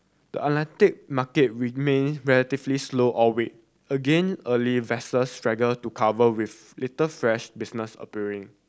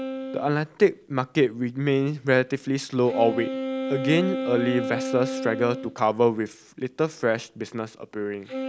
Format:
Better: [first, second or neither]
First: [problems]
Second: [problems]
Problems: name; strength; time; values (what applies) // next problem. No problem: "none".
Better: first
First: none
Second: background sound (Wind instrument, woodwind instrument); 8 dB below the speech